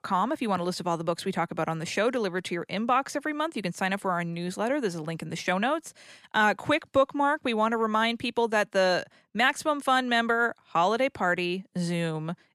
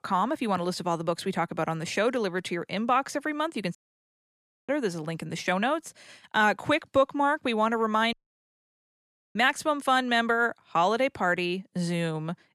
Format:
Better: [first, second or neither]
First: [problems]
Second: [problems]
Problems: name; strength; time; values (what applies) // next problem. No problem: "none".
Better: first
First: none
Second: audio cutting out; at 4 s for 1 s and at 8 s for 1 s